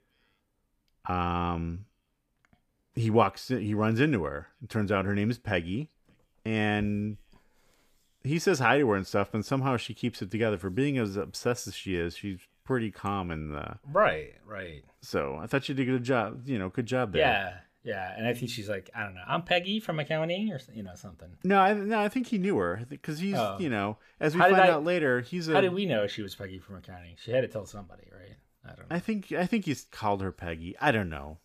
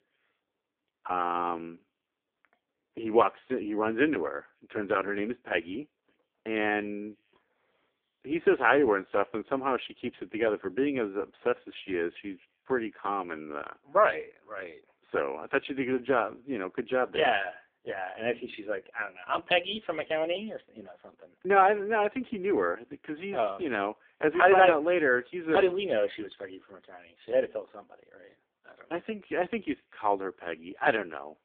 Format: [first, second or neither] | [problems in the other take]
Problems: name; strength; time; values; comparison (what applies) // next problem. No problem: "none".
first | phone-call audio; poor line